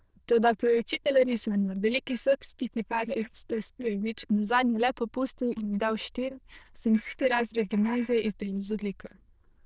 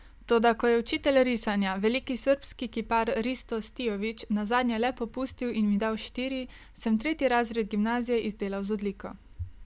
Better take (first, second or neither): second